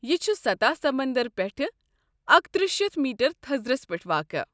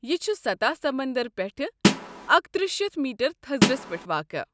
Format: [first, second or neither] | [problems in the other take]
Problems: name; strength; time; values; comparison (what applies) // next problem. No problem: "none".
first | background sound (Snare drum); 4 dB above the speech